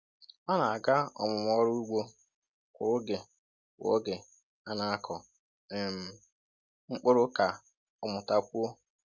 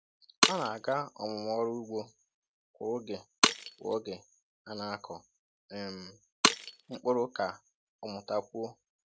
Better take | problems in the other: first | background sound (Shatter); 1 dB above the speech

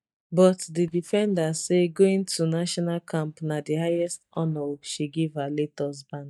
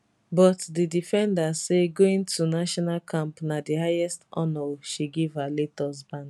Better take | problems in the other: second | noise reduction (neural mask model DeepFilterNet 3)

